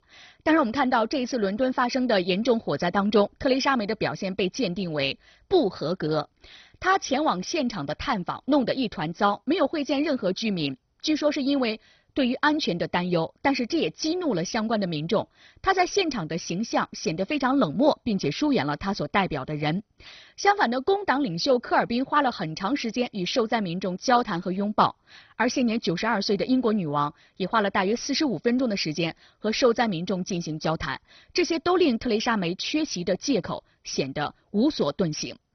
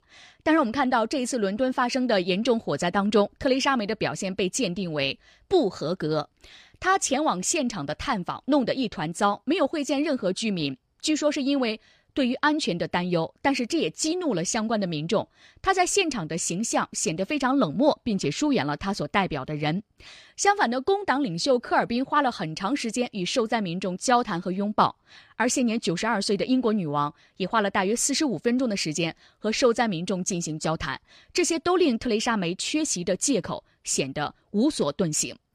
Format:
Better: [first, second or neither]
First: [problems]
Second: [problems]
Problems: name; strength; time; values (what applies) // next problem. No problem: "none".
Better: second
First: garbled, watery; badly; nothing above 6 kHz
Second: none